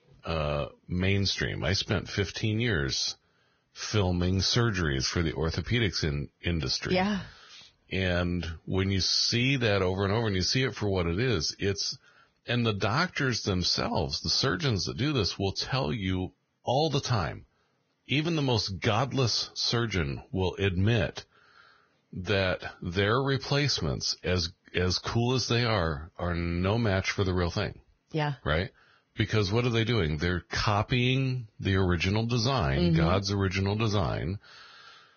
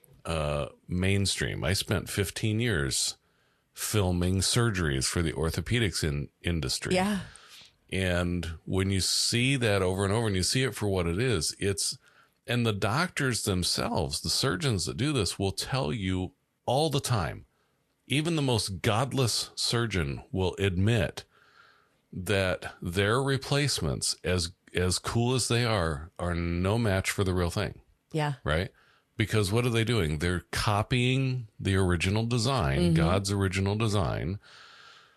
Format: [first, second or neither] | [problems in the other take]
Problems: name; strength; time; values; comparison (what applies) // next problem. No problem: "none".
second | garbled, watery; badly; nothing above 6.5 kHz; slightly in the second